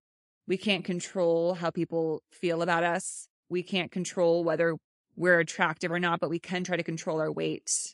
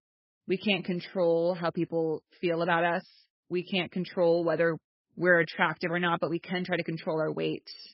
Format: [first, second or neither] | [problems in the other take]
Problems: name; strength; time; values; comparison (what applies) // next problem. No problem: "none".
first | garbled, watery; badly; nothing above 5.5 kHz; slightly in the first